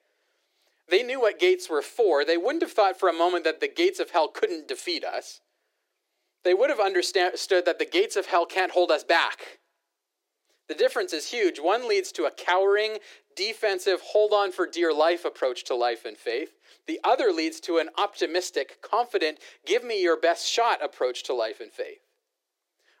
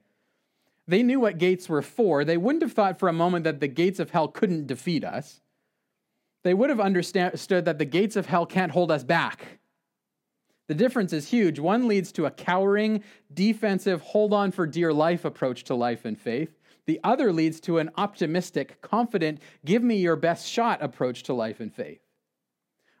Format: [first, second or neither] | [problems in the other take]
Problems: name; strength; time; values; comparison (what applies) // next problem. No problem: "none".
second | thin; very; fading below 350 Hz